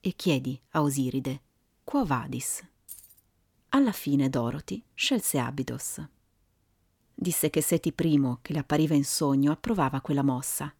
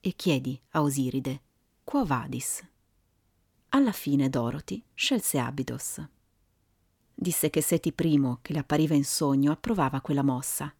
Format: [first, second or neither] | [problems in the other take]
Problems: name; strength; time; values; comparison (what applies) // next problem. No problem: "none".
second | jangling keys; faint; at 3 s; peak 20 dB below the speech